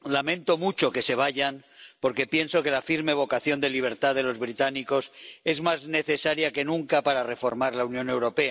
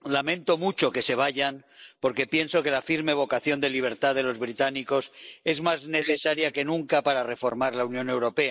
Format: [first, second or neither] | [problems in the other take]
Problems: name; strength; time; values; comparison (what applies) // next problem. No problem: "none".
first | noise reduction (neural mask model Resemble Enhance denoiser)